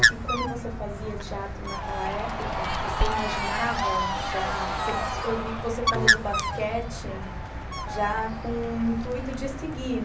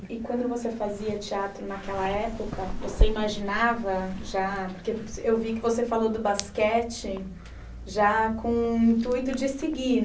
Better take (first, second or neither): second